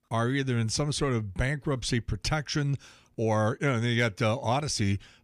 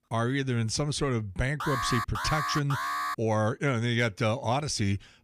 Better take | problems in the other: first | alarm; noticeable; from 1.5 to 3 s; peak 1 dB below the speech

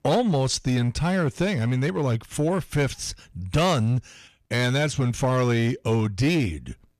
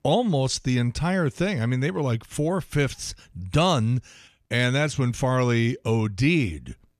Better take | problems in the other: second | distortion; slight; 7% of the sound clipped

